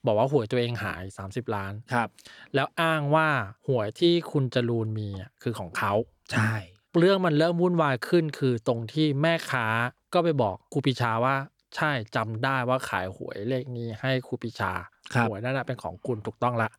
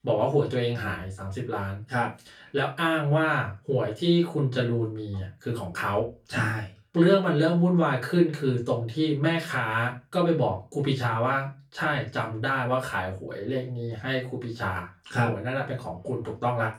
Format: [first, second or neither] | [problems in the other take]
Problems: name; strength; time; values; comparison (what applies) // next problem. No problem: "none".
first | off-mic speech; far // room echo; slight; dies away in 0.2 s